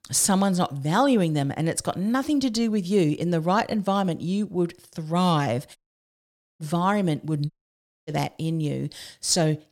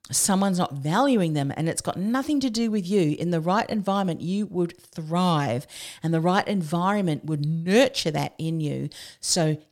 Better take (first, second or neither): second